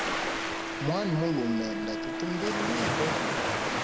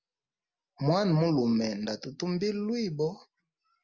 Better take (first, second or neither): second